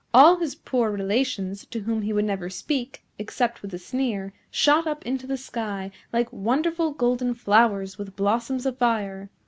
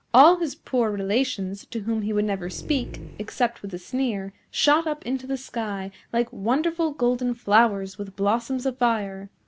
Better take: first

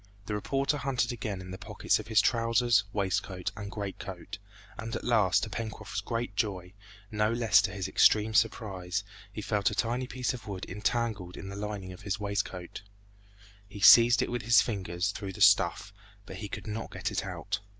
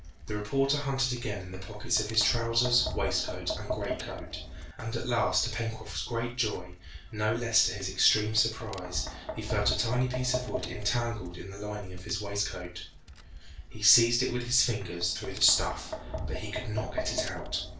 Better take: first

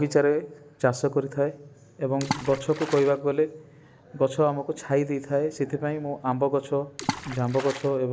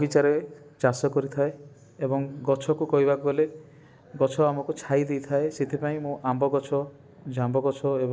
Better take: second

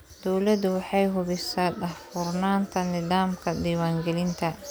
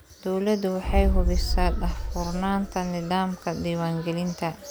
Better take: first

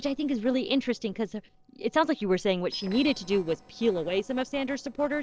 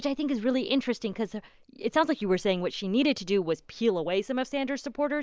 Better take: second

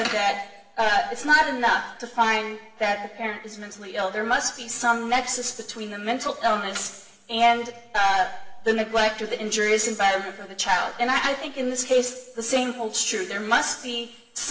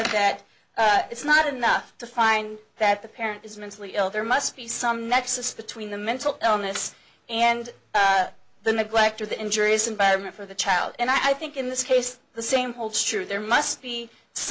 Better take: second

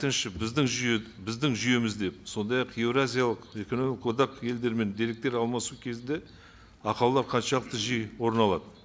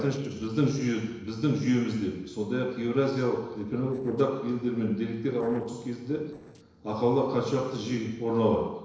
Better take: first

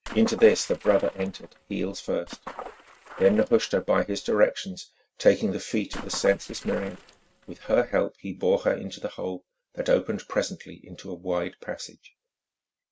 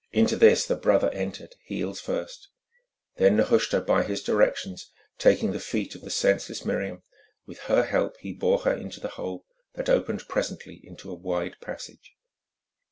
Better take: second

